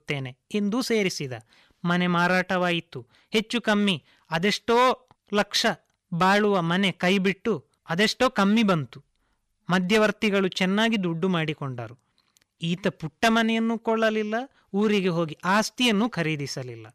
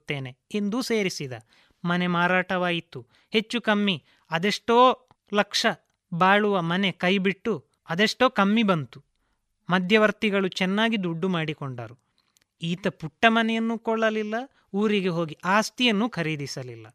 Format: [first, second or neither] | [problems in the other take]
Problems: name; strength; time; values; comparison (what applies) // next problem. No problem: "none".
second | distortion; slight; 3% of the sound clipped